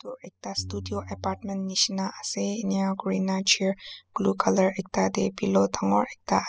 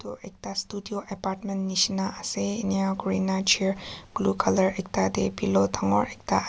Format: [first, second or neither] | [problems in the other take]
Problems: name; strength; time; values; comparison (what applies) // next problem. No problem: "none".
second | noise reduction (classical method spectral subtraction)